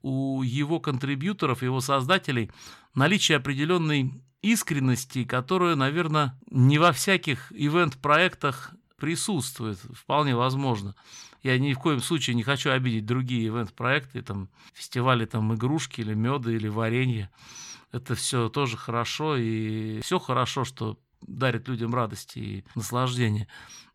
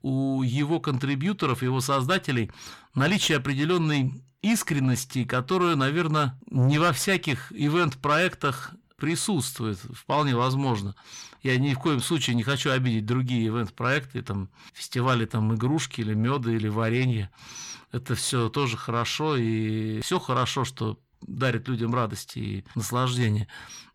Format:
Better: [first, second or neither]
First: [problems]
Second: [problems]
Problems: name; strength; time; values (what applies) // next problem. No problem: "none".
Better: first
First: none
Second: distortion; slight; 10 dB below the speech